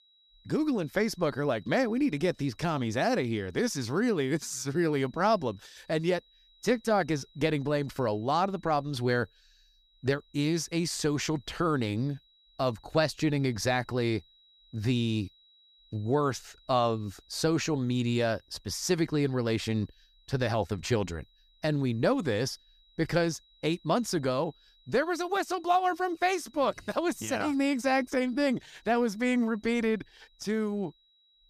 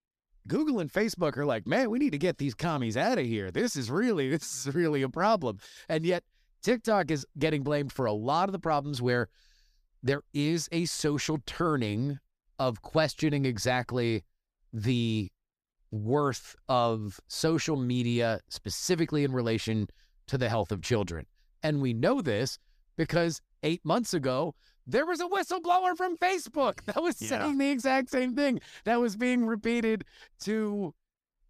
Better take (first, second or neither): second